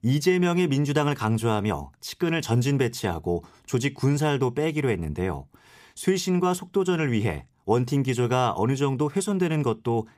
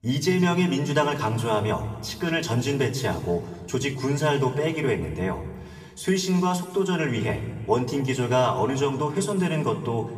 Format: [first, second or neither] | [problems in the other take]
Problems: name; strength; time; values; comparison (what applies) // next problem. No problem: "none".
first | room echo; slight; dies away in 1.5 s // off-mic speech; somewhat distant